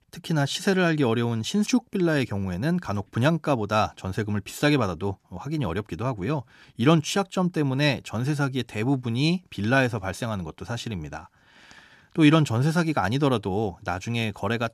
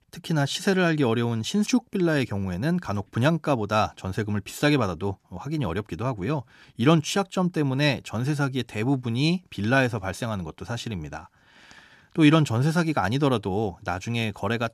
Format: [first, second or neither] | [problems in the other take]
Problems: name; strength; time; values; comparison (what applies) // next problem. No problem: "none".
neither | none